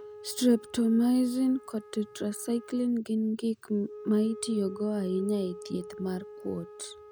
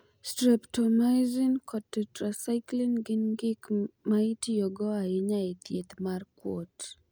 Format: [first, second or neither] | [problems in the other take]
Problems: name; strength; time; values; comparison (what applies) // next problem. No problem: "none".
second | background sound (Wind instrument, woodwind instrument); 17 dB below the speech